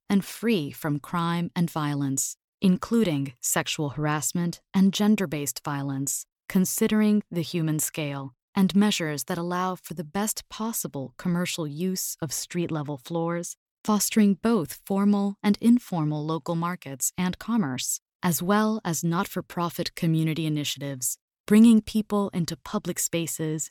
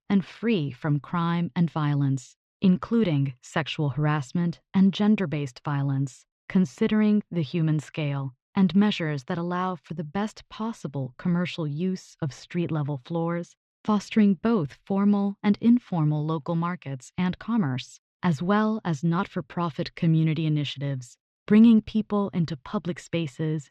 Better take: first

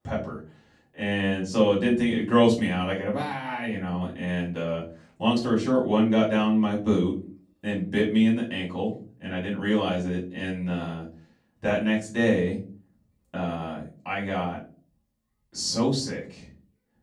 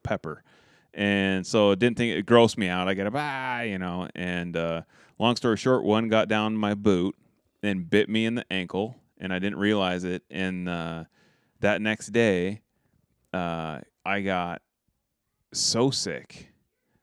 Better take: second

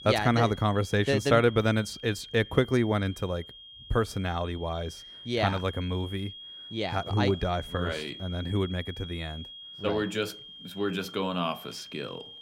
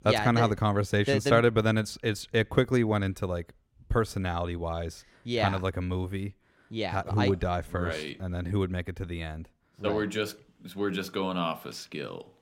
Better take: second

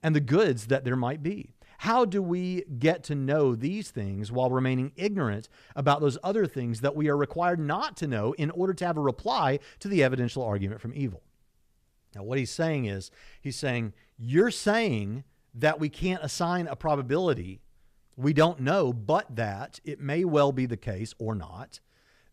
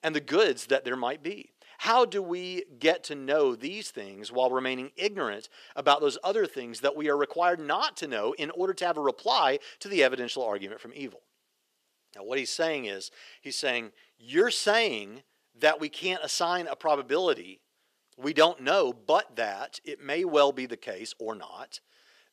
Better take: first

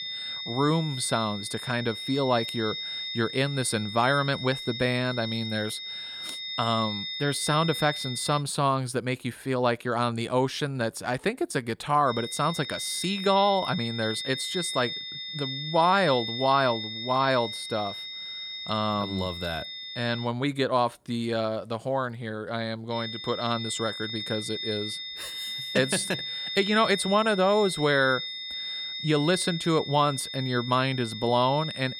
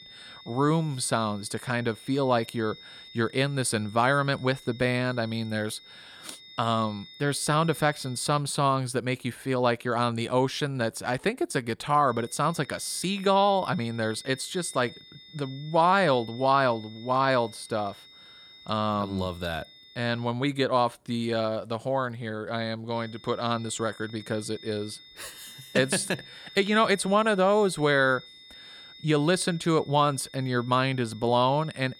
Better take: second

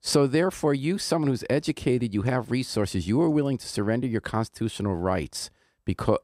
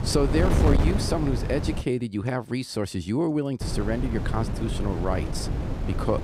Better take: first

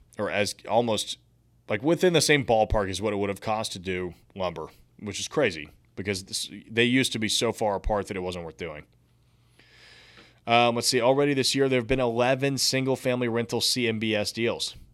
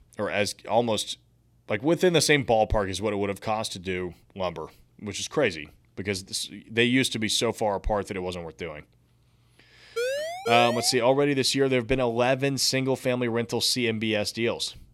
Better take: first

